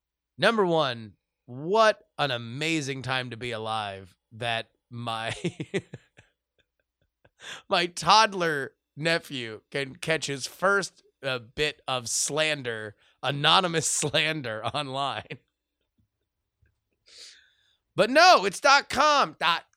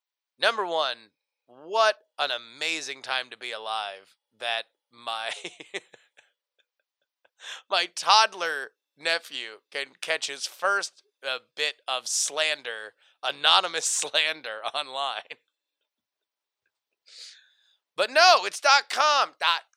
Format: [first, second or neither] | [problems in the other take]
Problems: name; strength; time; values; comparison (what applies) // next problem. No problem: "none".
first | thin; very; fading below 650 Hz